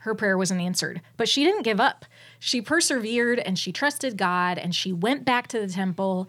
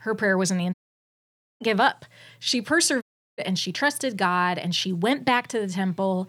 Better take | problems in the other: first | audio cutting out; at 0.5 s for 1 s and at 3 s

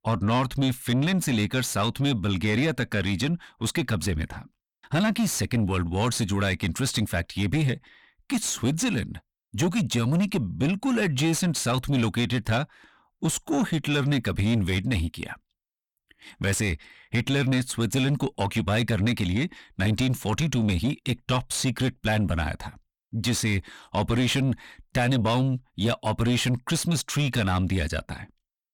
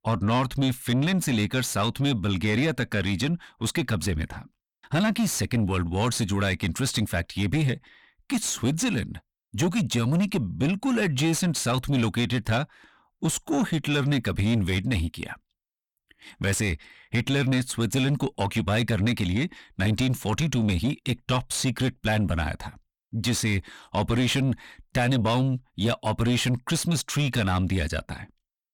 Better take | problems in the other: neither | distortion; slight; 10 dB below the speech; the same in both

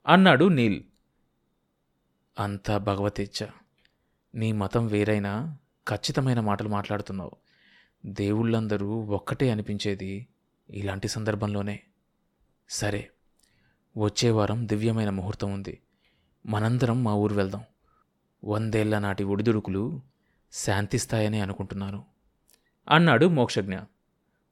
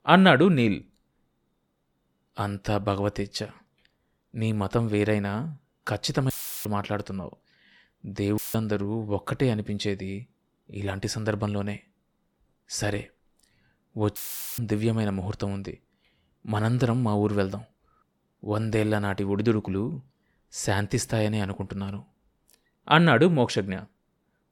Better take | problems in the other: first | audio cutting out; filled with static; at 6.5 s, at 8.5 s and at 14 s

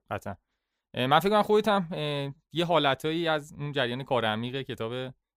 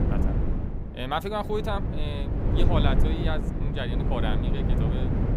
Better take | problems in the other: first | wind noise on the microphone; heavy; 4 dB below the speech

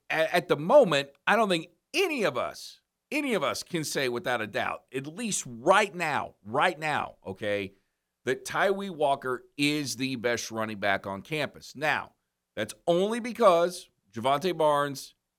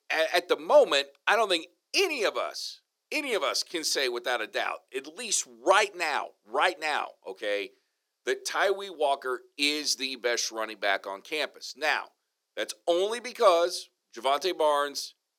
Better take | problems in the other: first | thin; somewhat; fading below 350 Hz

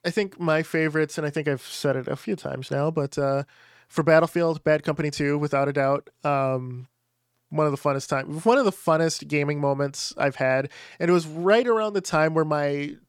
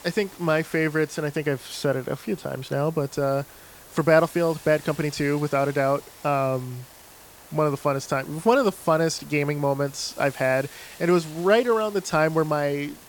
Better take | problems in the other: first | hiss; faint; throughout; 20 dB below the speech

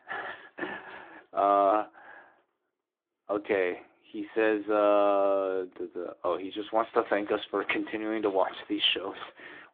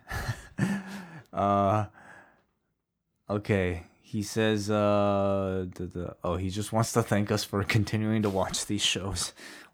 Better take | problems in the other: second | phone-call audio; nothing above 3.5 kHz

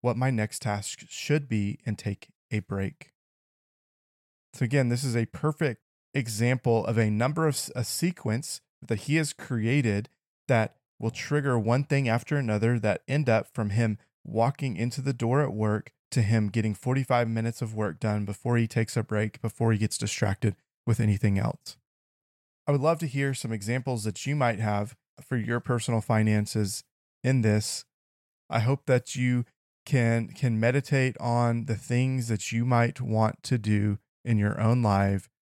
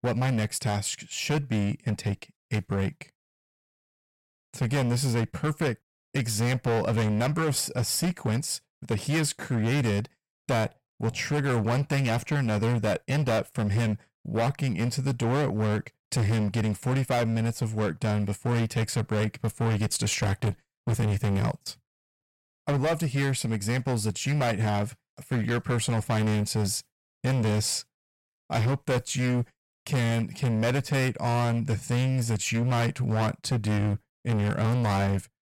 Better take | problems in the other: first | distortion; heavy; 21% of the sound clipped

